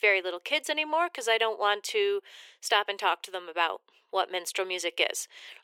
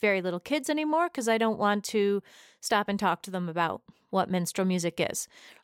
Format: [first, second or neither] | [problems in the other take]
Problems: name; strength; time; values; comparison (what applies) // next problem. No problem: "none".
second | thin; very; fading below 400 Hz